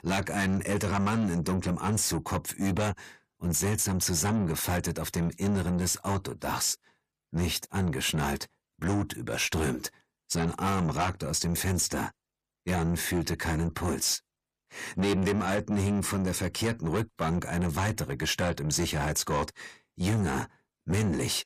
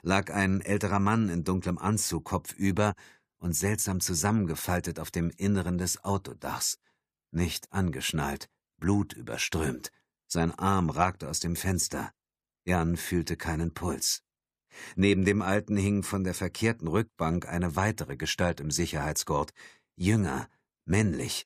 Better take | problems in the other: second | distortion; heavy; 7 dB below the speech

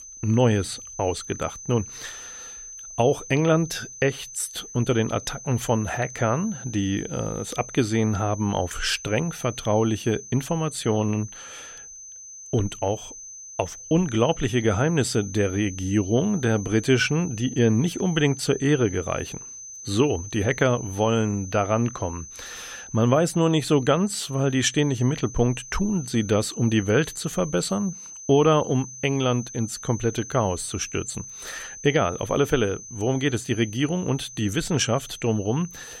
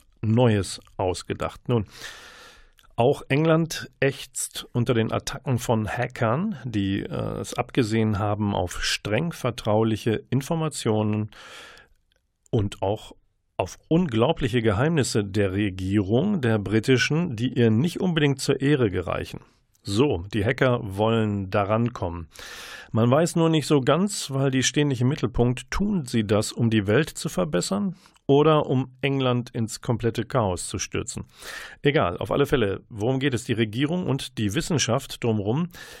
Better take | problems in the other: second | high-pitched whine; noticeable; throughout; 6 kHz, 15 dB below the speech

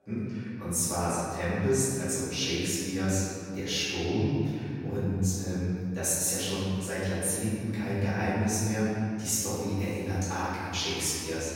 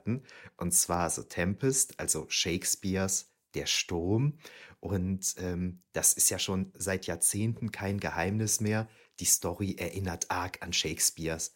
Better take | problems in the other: second | room echo; strong; dies away in 2.7 s // off-mic speech; far

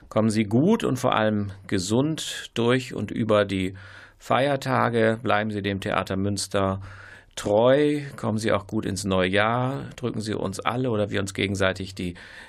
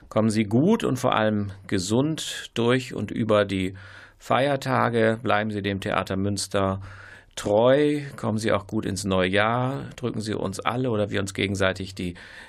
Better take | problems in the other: neither | none

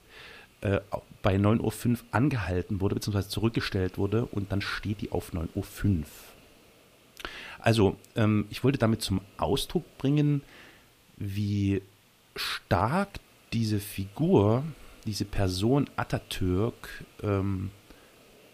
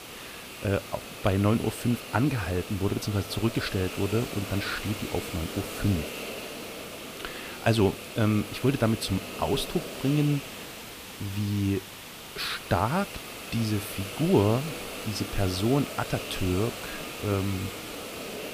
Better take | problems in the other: first | hiss; loud; throughout; 9 dB below the speech; faint in the first

